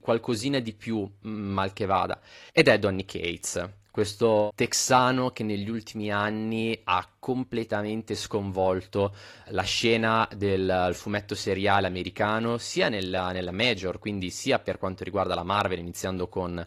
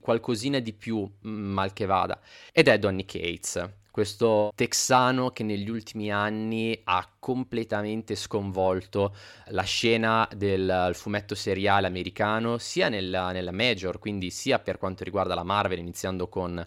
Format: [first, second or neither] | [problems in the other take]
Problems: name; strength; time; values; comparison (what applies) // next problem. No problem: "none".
second | garbled, watery; slightly